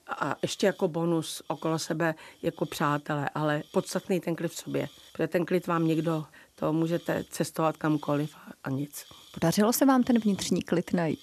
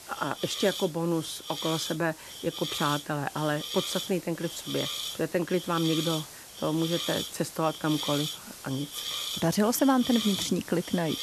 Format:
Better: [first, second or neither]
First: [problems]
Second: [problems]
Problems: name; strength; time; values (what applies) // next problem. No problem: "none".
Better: first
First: hiss; faint; throughout; 25 dB below the speech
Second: hiss; loud; throughout; 5 dB below the speech